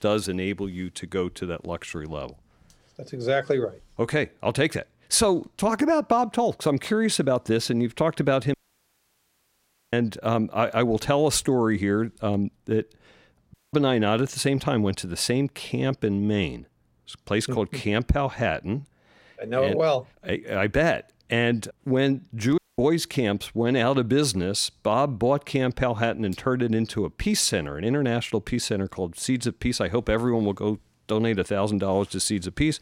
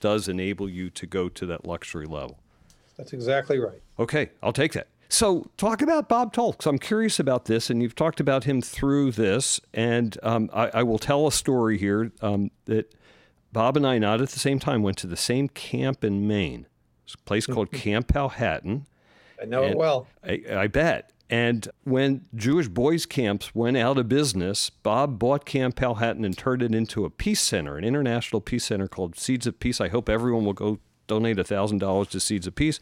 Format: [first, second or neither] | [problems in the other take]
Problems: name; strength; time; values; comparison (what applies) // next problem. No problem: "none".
second | audio cutting out; at 8.5 s for 1.5 s, at 14 s and at 23 s